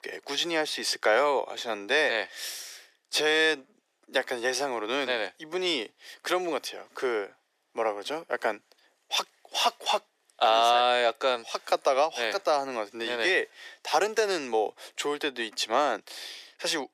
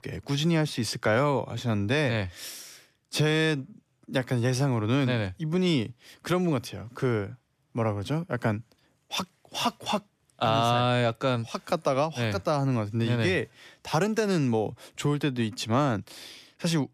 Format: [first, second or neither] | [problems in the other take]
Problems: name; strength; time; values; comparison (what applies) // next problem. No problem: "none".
second | thin; very; fading below 400 Hz